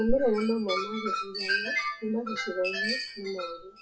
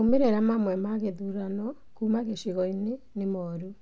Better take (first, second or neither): second